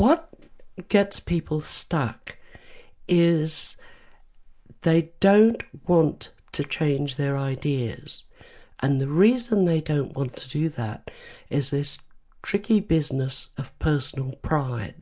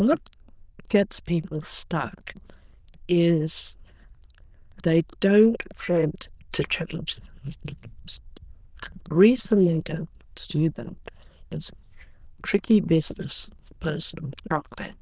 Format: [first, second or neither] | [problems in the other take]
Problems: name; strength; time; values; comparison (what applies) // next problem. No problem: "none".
first | noise reduction (neural diffusion model UNIVERSE++)